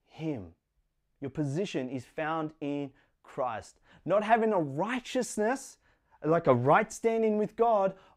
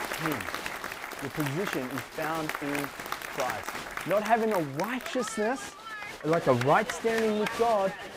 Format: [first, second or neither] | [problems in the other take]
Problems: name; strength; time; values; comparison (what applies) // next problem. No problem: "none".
first | crowd noise; loud; throughout; 6 dB below the speech